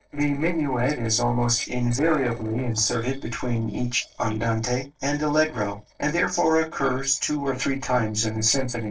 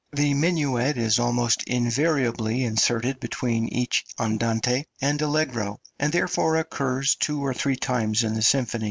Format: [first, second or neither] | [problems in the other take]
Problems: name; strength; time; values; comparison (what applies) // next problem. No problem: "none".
second | noise reduction (neural separator model SepFormer DNS4)